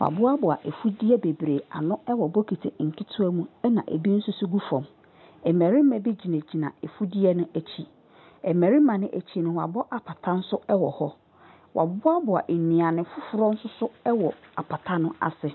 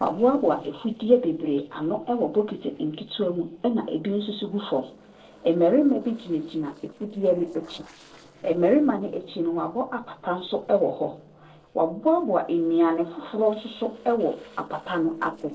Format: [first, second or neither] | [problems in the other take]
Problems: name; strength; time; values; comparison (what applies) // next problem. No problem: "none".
first | noise reduction (neural separator model SepFormer DNS4)